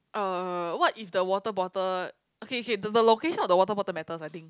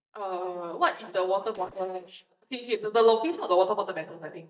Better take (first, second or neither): first